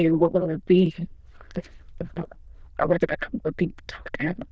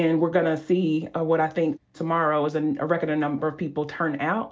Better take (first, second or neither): second